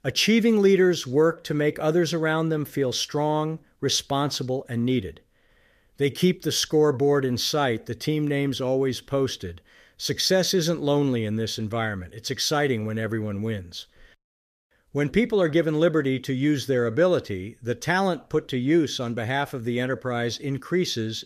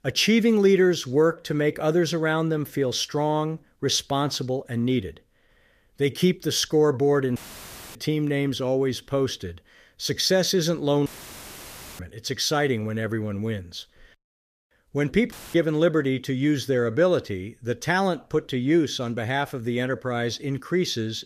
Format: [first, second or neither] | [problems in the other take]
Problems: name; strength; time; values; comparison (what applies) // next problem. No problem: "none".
first | audio cutting out; filled with static; at 7.5 s for 0.5 s, at 11 s for 1 s and at 15 s